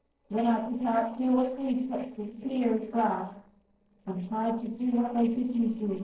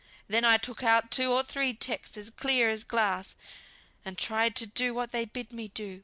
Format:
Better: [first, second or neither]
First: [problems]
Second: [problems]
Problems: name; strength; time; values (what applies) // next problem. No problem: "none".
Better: second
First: noise reduction (neural separator model SepFormer DNS4)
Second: none